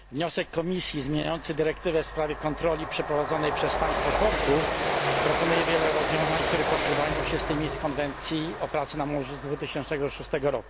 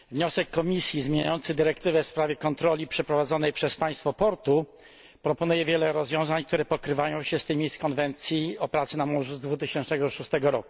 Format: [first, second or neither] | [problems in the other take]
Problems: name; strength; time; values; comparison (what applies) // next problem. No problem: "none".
second | background sound (Train); 2 dB below the speech